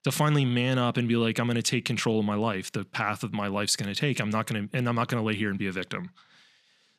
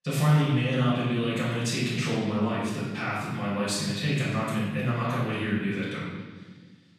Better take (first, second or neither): first